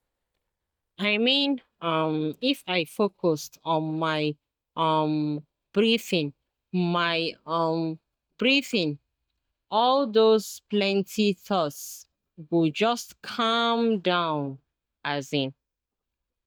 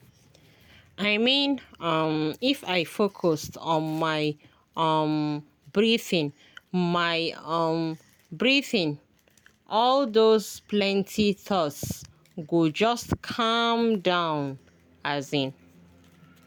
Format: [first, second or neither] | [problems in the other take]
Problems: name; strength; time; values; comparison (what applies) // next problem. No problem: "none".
second | noise reduction (neural mask model DeepFilterNet 3)